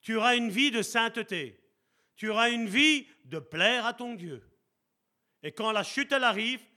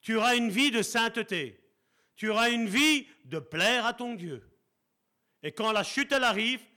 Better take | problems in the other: first | distortion; slight; 4% of the sound clipped

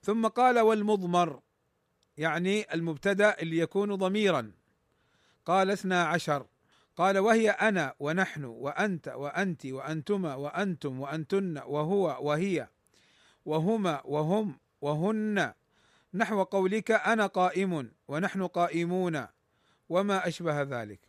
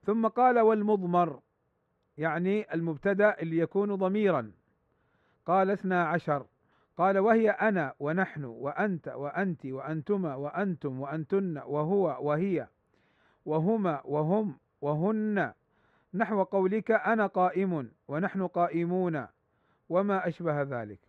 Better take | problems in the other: first | muffled; very; fading above 3.5 kHz

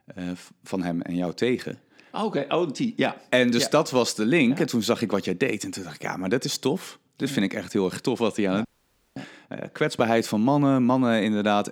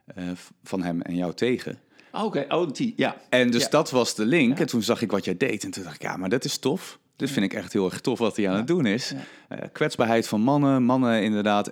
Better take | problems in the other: second | audio cutting out; at 8.5 s for 0.5 s

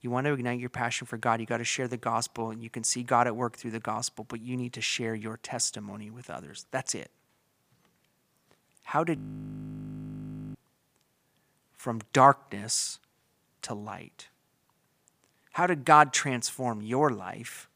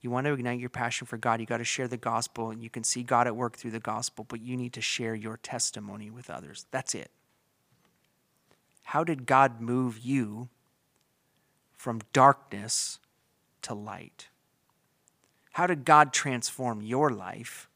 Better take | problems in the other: second | audio freezing; at 9 s for 1.5 s

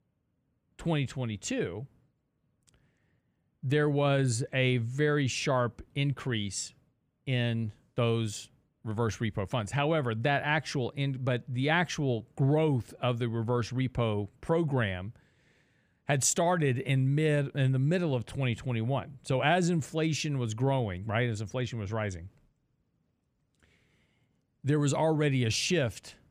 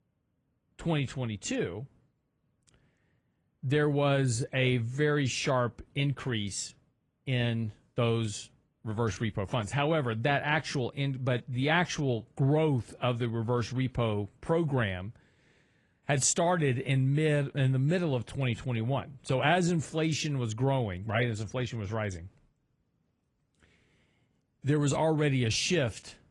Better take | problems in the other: first | garbled, watery; slightly

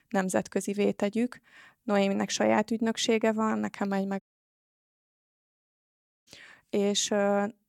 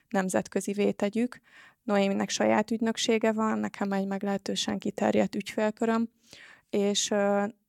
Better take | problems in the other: second | audio cutting out; at 4 s for 2 s

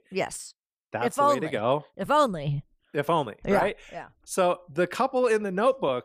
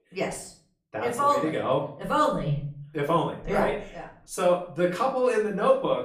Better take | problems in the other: first | off-mic speech; far // room echo; slight; dies away in 0.4 s

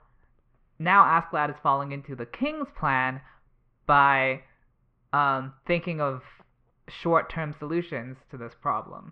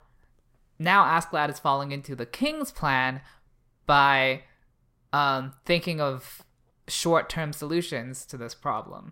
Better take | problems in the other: second | muffled; very; fading above 2.5 kHz

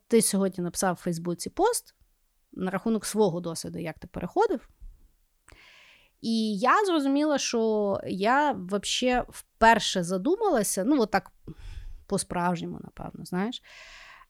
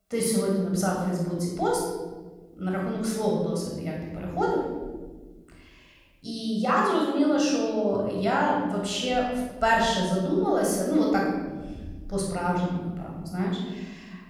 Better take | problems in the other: first | off-mic speech; far // room echo; noticeable; dies away in 1.5 s

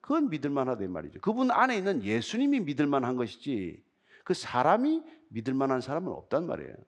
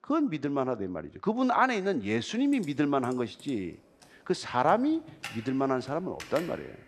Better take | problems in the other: first | keyboard typing; faint; from 2.5 s on; peak 10 dB below the speech

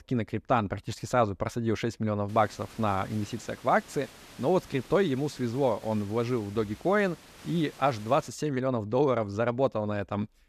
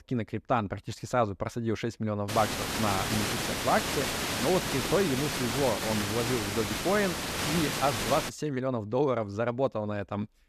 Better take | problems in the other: first | hiss; loud; from 2.5 to 8.5 s; as loud as the speech; faint in the first

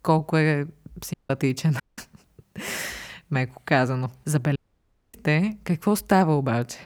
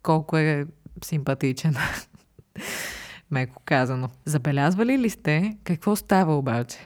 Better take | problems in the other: second | audio cutting out; at 1 s, at 2 s and at 4.5 s for 0.5 s

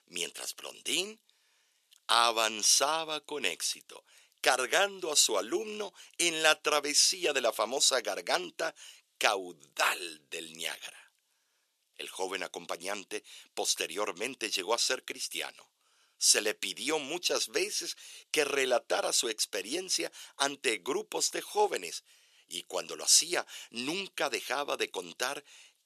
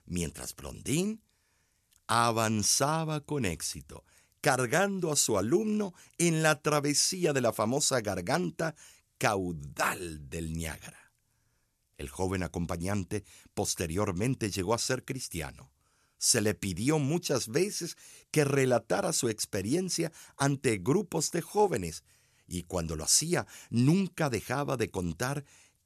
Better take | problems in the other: second | thin; very; fading below 400 Hz

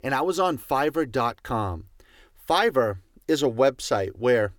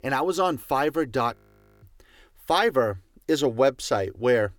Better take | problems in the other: first | audio freezing; at 1.5 s

